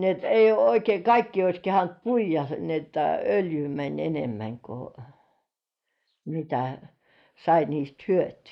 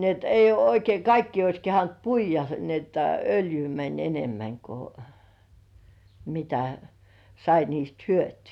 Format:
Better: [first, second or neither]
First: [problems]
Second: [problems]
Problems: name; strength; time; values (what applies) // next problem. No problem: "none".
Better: second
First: noise reduction (neural mask model Resemble Enhance denoiser)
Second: none